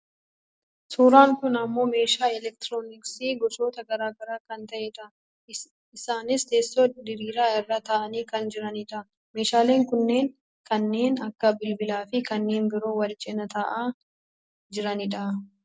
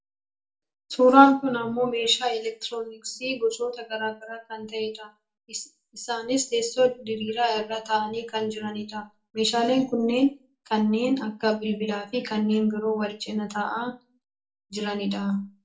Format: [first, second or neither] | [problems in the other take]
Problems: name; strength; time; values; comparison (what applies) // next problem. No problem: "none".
first | room echo; dies away in 0.2 s